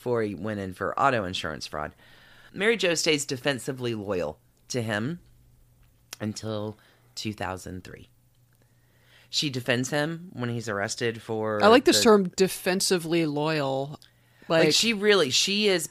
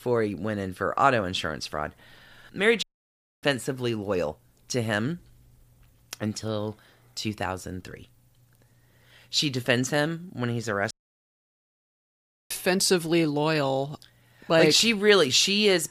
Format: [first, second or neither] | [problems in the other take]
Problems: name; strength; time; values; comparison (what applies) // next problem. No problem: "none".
first | audio cutting out; at 3 s for 0.5 s and at 11 s for 1.5 s